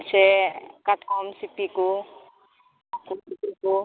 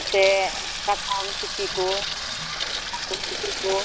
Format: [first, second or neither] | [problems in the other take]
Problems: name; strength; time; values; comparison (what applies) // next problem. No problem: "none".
first | background sound (Sink (filling or washing) / Water tap, faucet); 3 dB below the speech